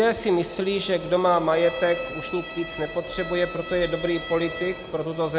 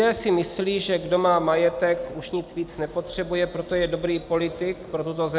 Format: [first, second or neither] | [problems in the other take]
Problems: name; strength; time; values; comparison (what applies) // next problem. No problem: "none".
second | background sound (Bowed string instrument); 13 dB below the speech